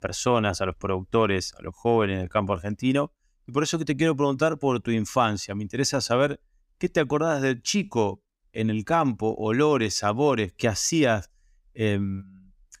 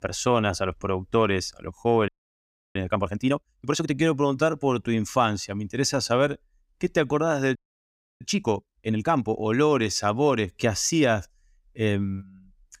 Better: first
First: none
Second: audio freezing; at 2 s for 0.5 s and at 7.5 s for 0.5 s

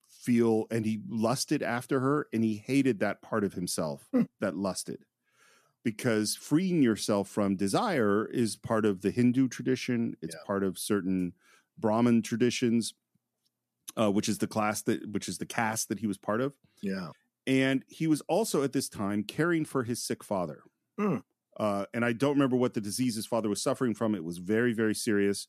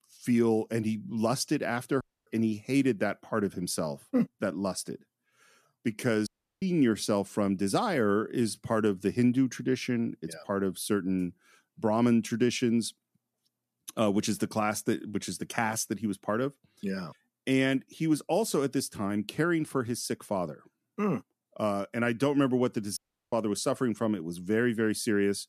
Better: first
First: none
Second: audio cutting out; at 2 s, at 6.5 s and at 23 s

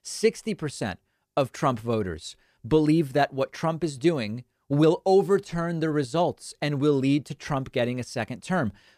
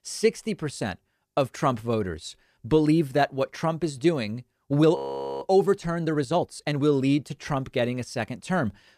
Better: first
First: none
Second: audio freezing; at 5 s

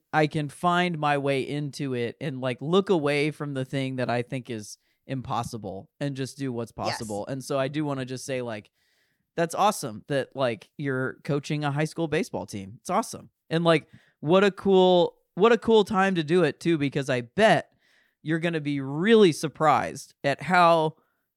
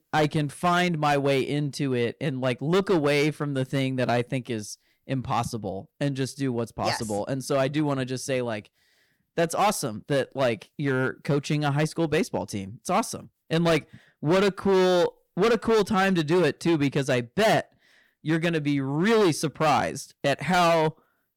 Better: first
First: none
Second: distortion; heavy; 9% of the sound clipped

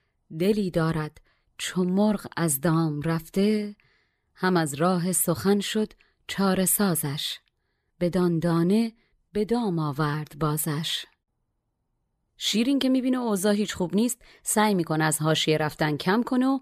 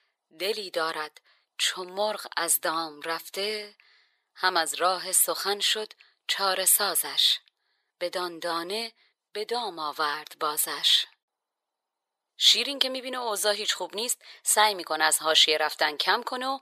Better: first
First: none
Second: thin; very; fading below 600 Hz

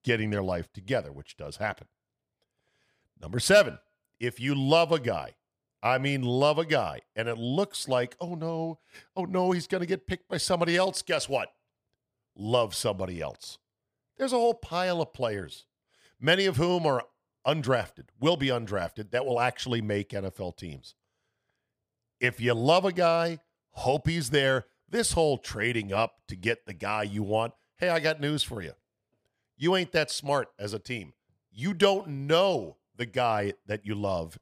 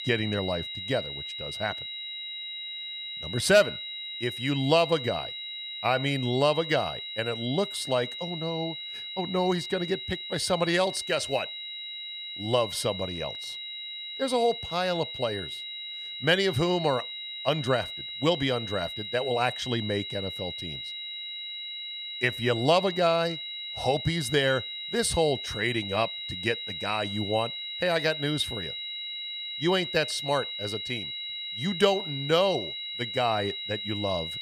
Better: first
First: none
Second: high-pitched whine; loud; throughout; 4 kHz, 6 dB below the speech

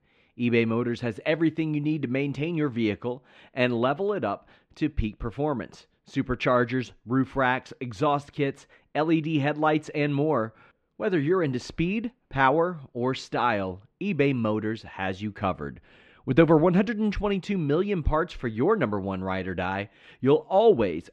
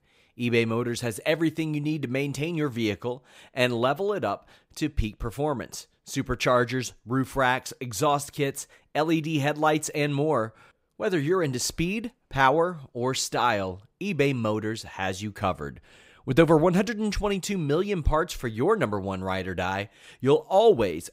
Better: second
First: muffled; slightly; fading above 2.5 kHz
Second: none

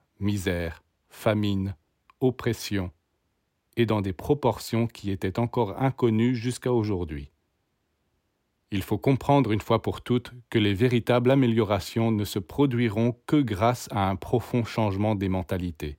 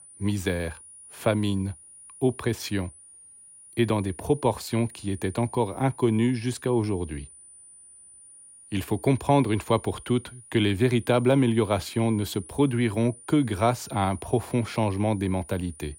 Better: first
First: none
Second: high-pitched whine; noticeable; throughout; 9.5 kHz, 20 dB below the speech

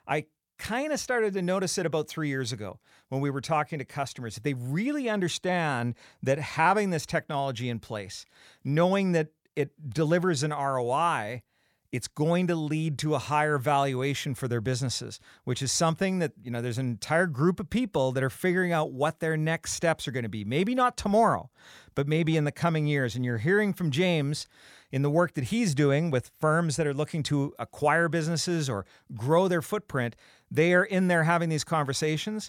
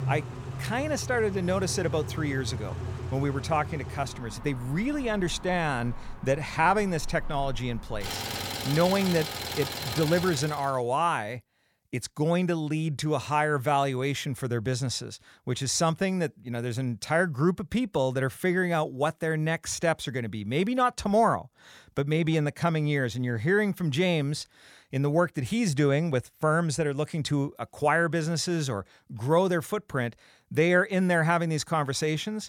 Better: first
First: none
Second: traffic noise; loud; until 10 s; 9 dB below the speech

